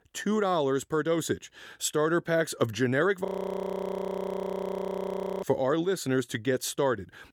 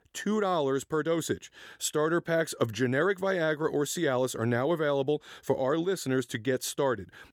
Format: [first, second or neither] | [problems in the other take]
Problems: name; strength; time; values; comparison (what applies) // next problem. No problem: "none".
second | audio freezing; at 3.5 s for 2 s